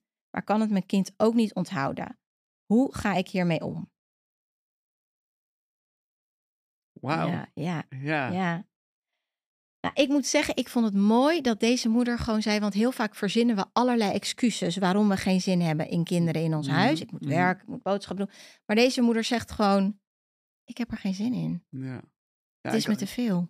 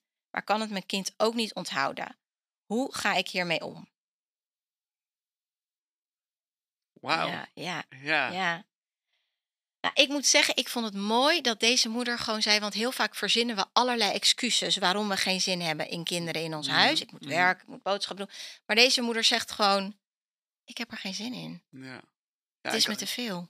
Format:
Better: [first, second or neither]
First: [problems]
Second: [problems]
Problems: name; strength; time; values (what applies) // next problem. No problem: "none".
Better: first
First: none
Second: thin; somewhat; fading below 1 kHz